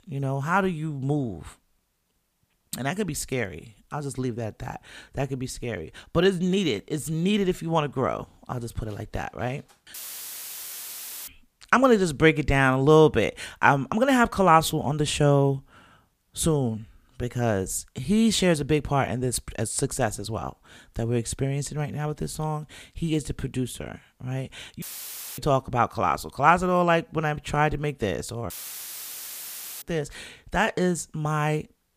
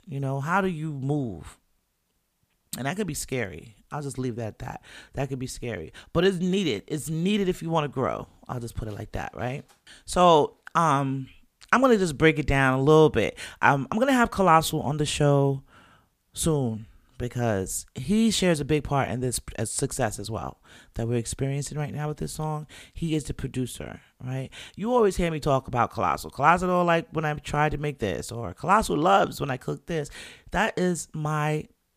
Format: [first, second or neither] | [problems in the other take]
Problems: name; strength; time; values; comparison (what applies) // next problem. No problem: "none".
second | audio cutting out; filled with static; at 10 s for 1.5 s, at 25 s for 0.5 s and at 29 s for 1.5 s